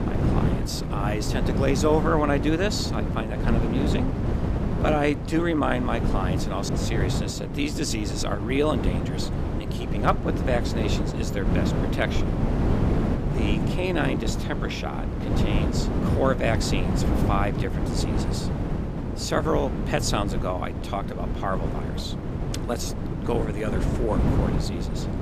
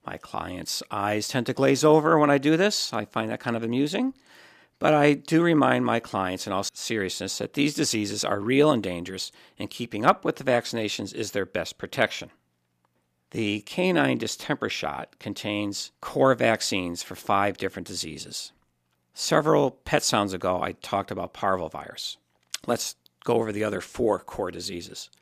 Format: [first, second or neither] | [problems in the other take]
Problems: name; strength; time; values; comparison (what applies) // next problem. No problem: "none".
second | wind noise on the microphone; heavy; 4 dB below the speech